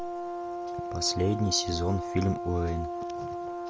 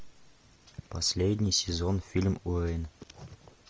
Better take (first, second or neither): second